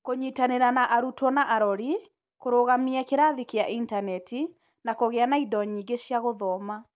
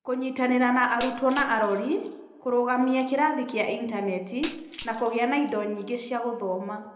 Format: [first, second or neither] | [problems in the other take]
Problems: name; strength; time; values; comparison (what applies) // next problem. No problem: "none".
first | background sound (Shatter); 20 dB below the speech // room echo; dies away in 0.8 s